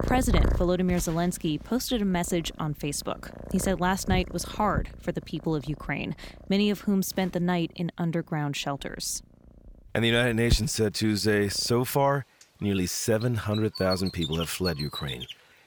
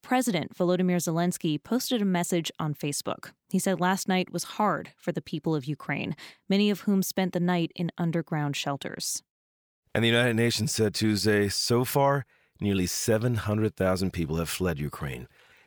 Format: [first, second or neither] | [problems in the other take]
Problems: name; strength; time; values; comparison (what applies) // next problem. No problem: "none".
second | animal sounds; loud; throughout; 8 dB below the speech